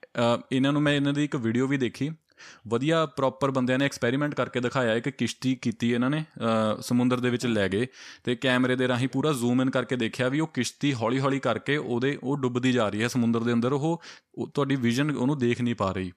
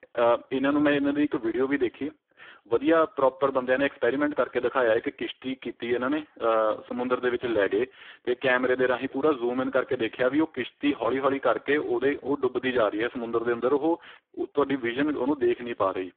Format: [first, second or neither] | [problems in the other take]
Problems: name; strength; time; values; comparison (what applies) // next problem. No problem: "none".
first | phone-call audio; poor line